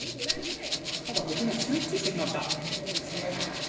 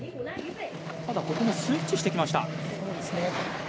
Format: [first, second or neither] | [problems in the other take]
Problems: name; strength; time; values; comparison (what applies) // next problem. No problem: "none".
second | background sound (Rattle (instrument)); 2 dB below the speech // room echo; dies away in 0.9 s